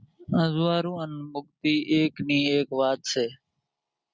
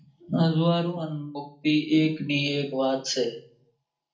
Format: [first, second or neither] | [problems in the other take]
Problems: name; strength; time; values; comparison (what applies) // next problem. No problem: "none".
first | room echo; dies away in 0.4 s